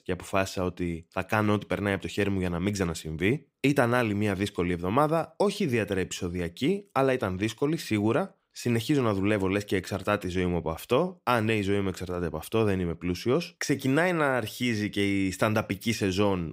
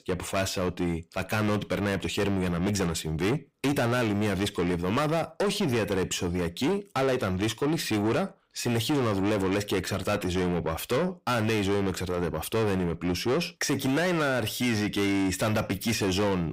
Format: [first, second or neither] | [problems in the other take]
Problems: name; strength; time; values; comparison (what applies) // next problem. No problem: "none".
first | distortion; heavy; 6 dB below the speech